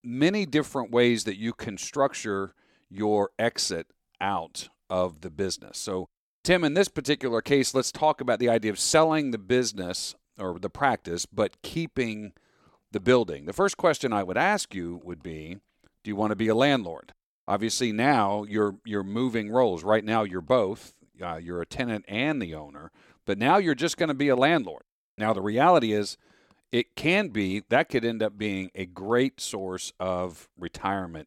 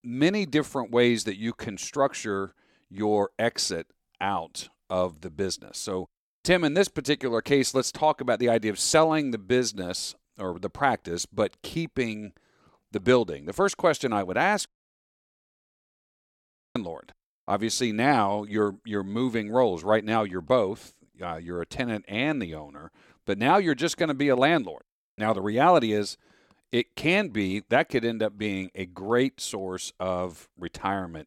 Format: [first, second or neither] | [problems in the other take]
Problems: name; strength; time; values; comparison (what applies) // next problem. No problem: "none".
first | audio cutting out; at 15 s for 2 s